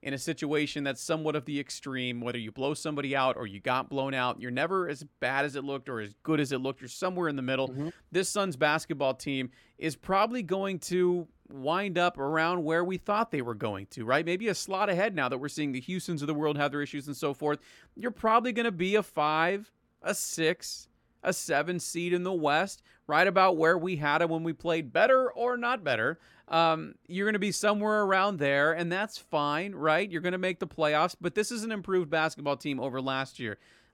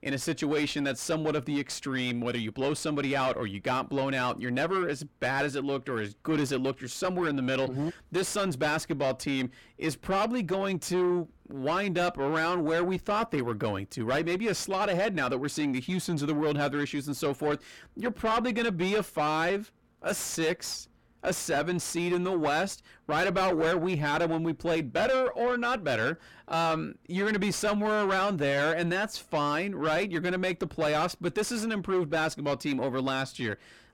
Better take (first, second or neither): first